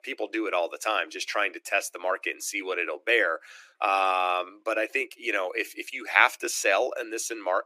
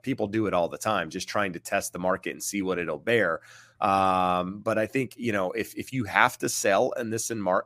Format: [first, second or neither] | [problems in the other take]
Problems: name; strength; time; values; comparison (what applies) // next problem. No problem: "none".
second | thin; very; fading below 300 Hz